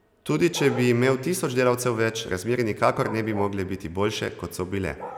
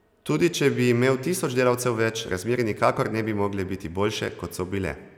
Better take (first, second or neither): second